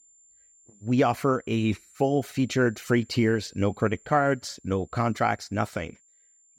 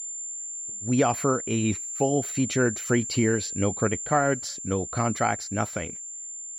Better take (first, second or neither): first